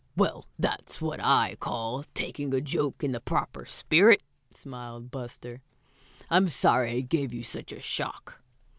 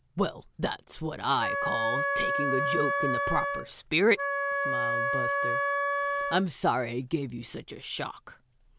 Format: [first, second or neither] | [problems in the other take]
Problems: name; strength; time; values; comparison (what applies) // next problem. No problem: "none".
first | background sound (Wind instrument, woodwind instrument); 3 dB above the speech